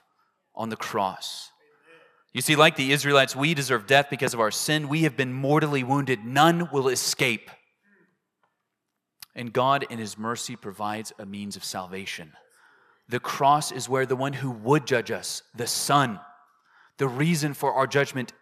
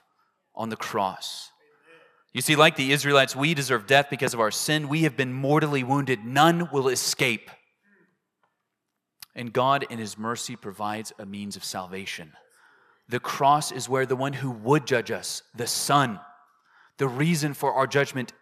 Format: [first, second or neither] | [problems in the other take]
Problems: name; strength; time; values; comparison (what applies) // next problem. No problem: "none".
neither | none